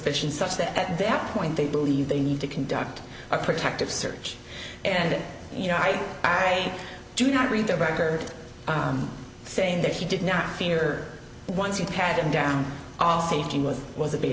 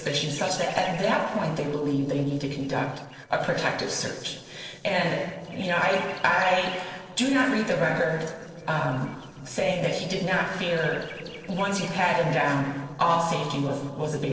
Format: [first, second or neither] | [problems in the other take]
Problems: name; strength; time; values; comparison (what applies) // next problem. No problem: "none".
first | noise reduction (neural separator model SepFormer DNS4)